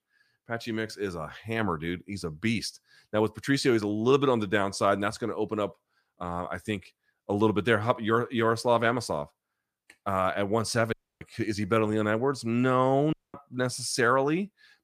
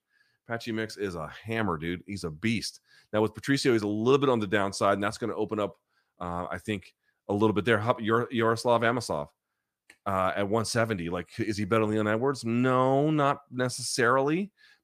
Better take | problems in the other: second | audio cutting out; at 11 s and at 13 s

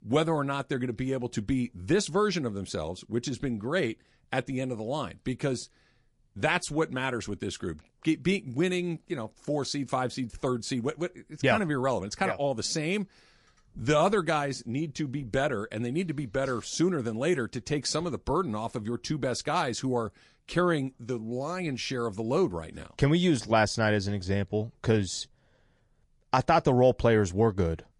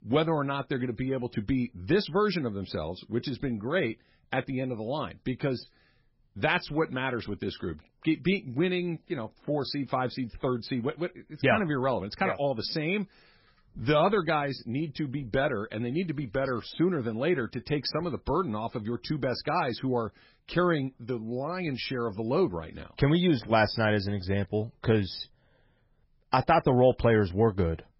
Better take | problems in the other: first | garbled, watery; badly; nothing above 5.5 kHz; slightly in the first

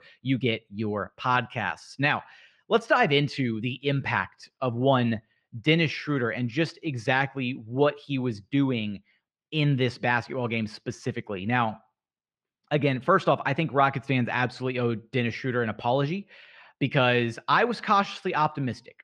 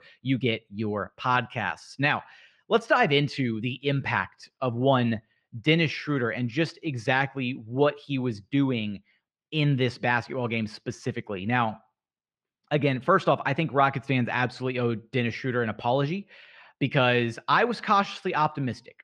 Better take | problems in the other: neither | muffled; slightly; fading above 3 kHz; the same in both

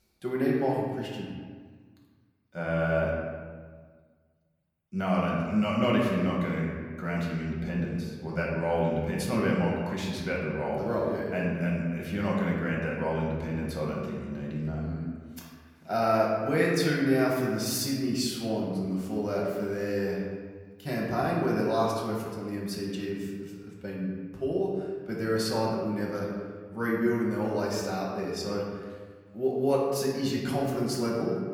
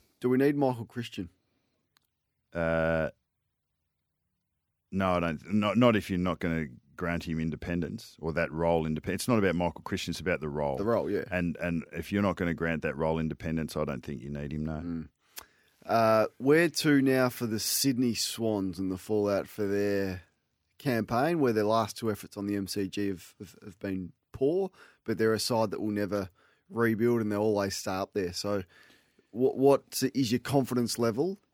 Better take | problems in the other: second | room echo; noticeable; dies away in 1.4 s // off-mic speech; far

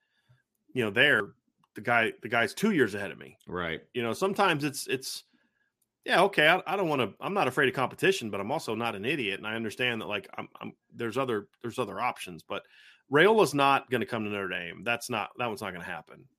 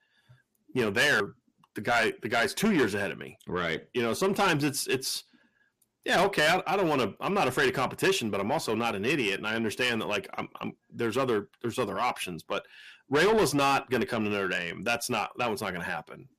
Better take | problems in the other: first | distortion; heavy; 7 dB below the speech

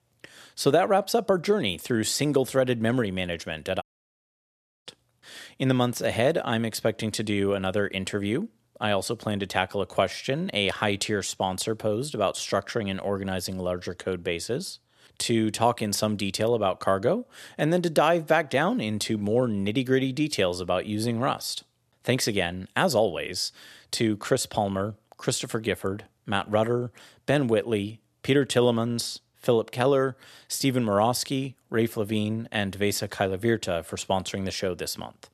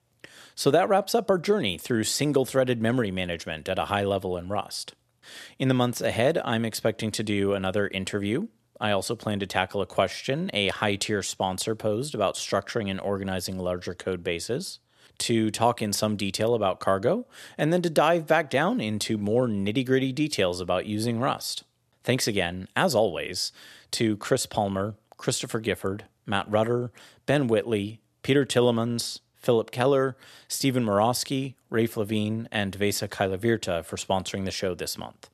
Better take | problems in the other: second | audio cutting out; at 4 s for 1 s

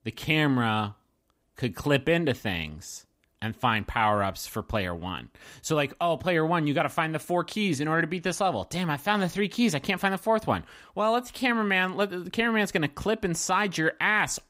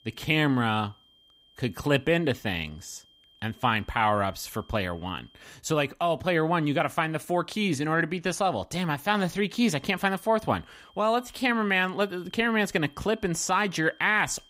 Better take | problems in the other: first | high-pitched whine; faint; until 5.5 s and from 9.5 s on; 3 kHz, 30 dB below the speech

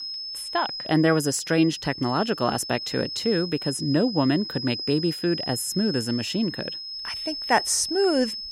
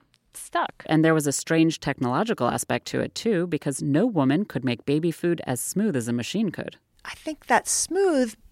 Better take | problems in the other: second | high-pitched whine; loud; throughout; 5 kHz, 7 dB below the speech

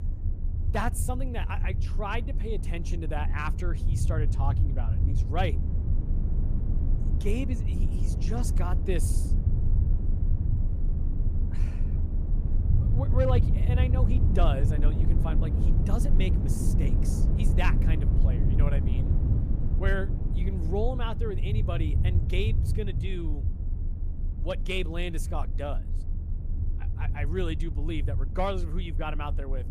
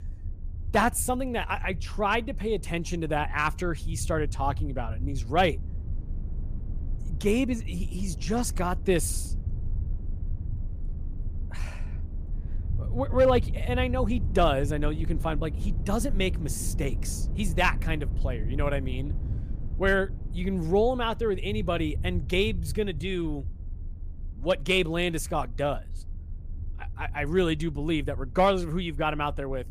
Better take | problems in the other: second | low rumble; loud; throughout; 7 dB below the speech; faint in the second

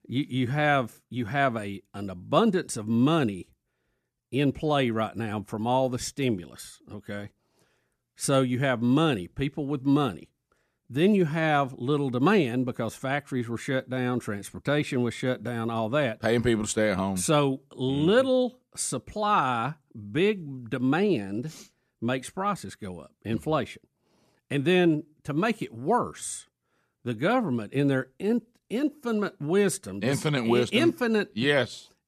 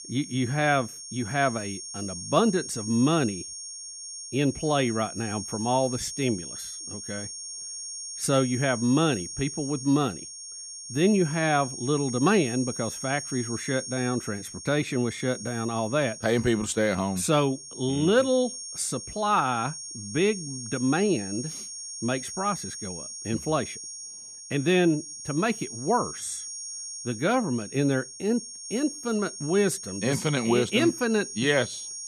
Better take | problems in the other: first | high-pitched whine; loud; throughout; 6.5 kHz, 9 dB below the speech

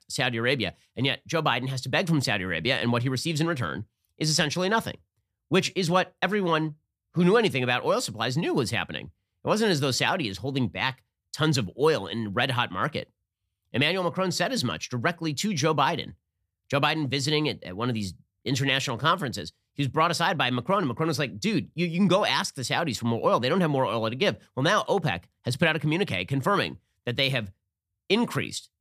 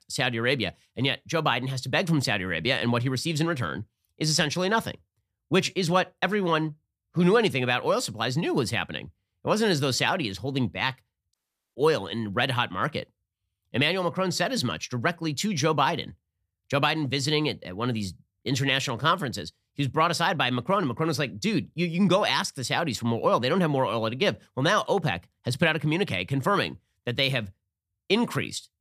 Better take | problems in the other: first | audio cutting out; at 11 s

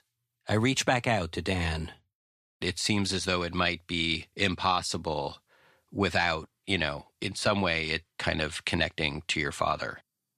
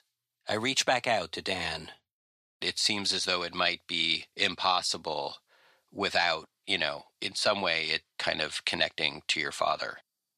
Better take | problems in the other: first | thin; somewhat; fading below 500 Hz

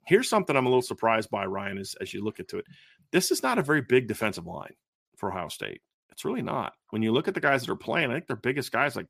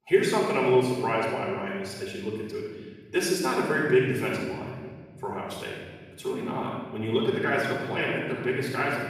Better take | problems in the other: first | off-mic speech; far // room echo; strong; dies away in 1.8 s

